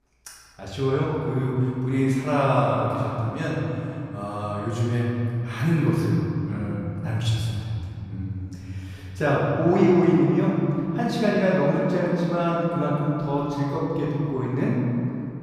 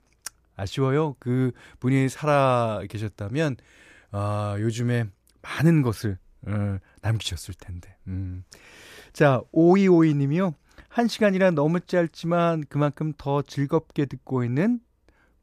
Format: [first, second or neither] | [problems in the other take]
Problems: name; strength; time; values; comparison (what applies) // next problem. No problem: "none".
second | room echo; strong; dies away in 3 s // off-mic speech; far